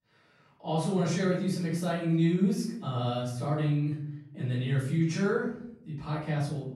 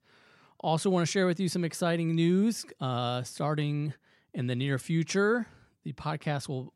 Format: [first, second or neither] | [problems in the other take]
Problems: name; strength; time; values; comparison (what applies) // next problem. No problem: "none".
second | off-mic speech; far // room echo; noticeable; dies away in 0.7 s